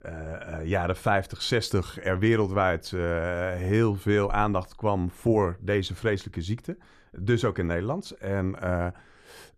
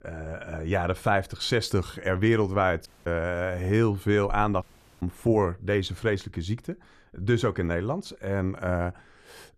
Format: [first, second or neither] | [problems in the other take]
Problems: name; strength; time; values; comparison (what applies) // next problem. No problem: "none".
first | audio cutting out; at 3 s and at 4.5 s